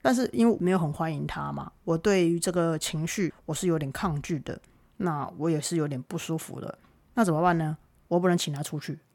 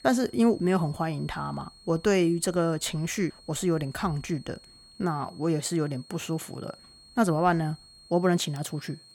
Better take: first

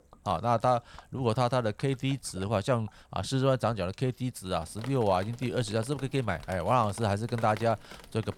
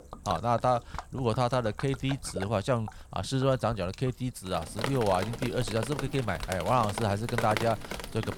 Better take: first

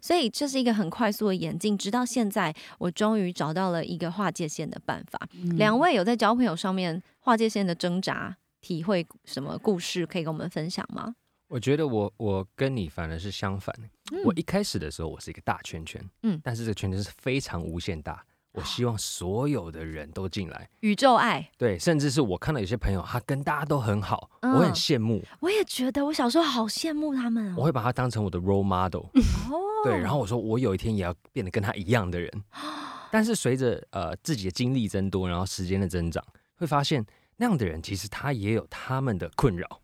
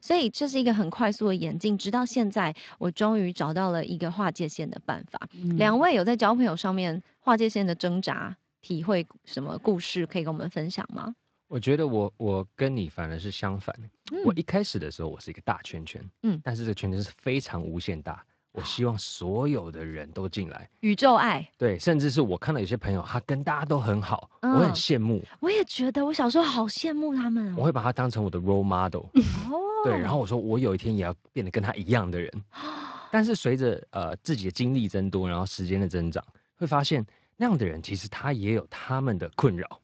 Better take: first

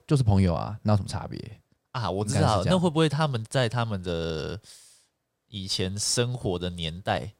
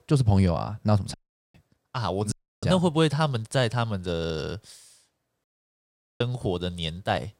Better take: first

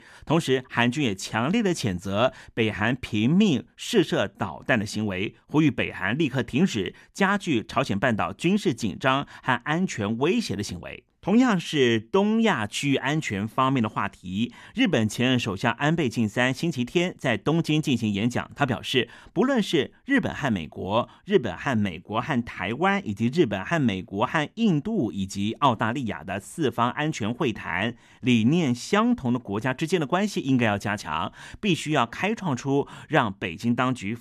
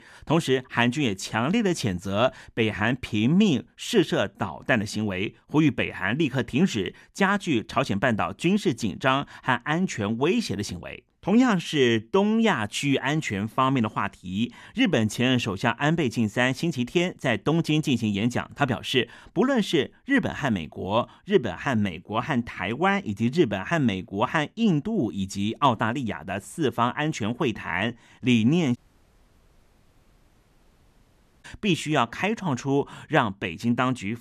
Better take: first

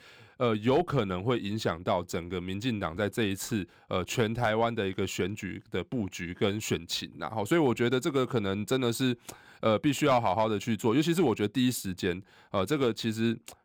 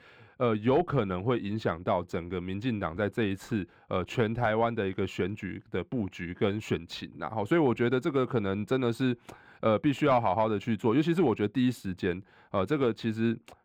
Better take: first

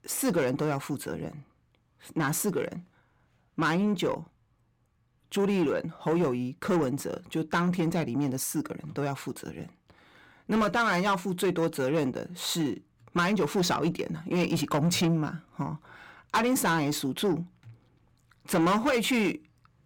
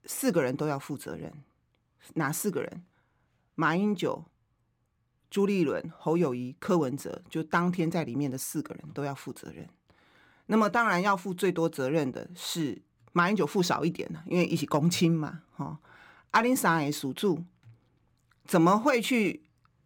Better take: second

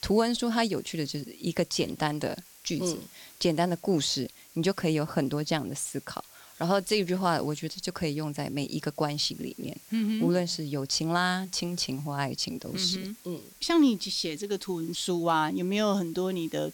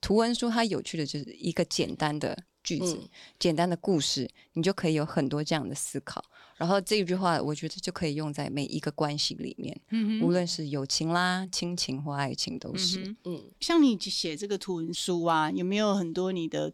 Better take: second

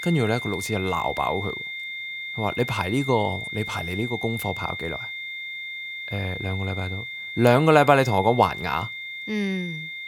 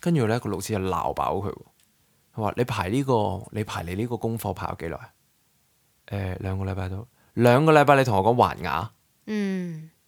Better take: second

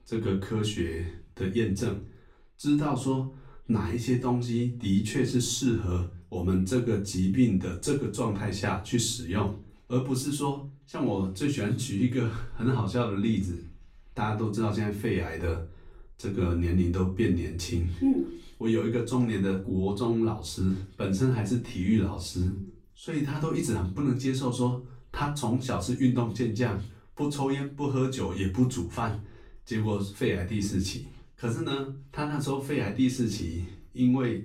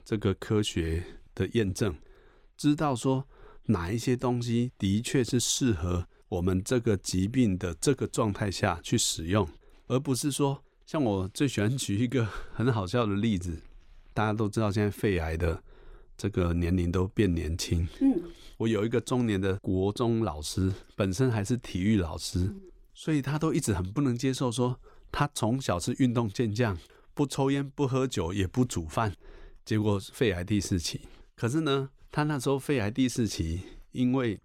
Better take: second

